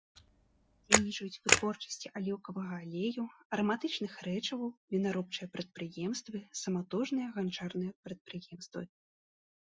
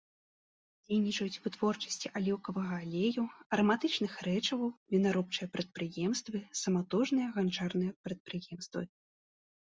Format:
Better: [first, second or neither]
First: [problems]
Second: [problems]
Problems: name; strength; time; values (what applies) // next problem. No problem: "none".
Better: second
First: noise reduction (classical method Wiener filter)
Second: none